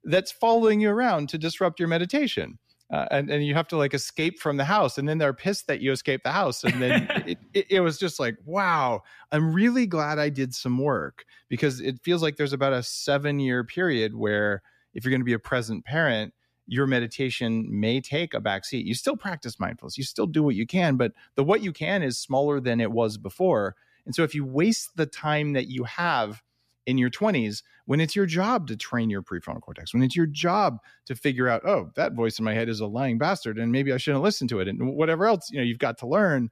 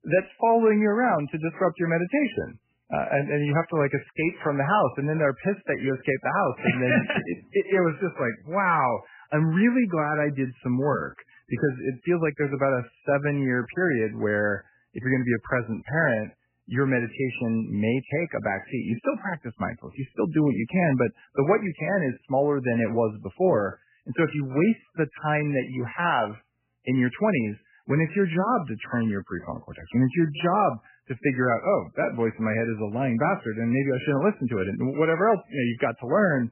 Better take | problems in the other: first | garbled, watery; badly; nothing above 3 kHz

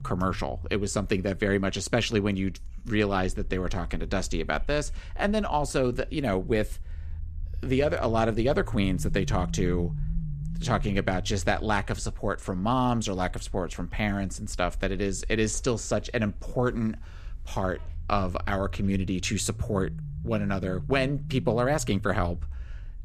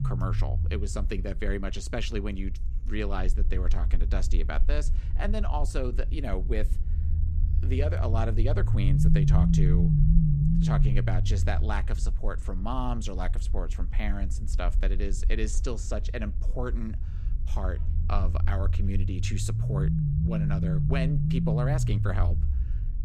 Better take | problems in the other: first | low rumble; loud; throughout; 2 dB below the speech; faint in the first

